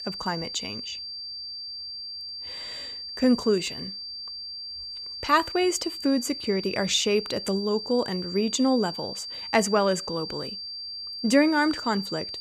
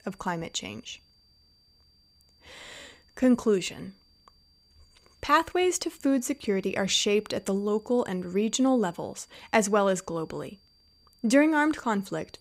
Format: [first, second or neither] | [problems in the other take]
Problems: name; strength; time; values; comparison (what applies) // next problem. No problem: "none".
second | high-pitched whine; loud; throughout; 4.5 kHz, 8 dB below the speech; faint in the second